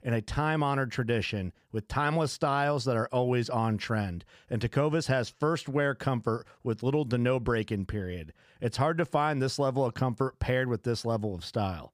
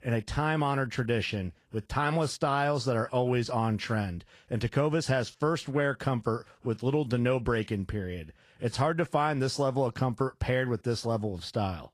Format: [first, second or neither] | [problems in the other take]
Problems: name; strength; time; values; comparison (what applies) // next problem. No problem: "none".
first | garbled, watery; slightly; nothing above 12.5 kHz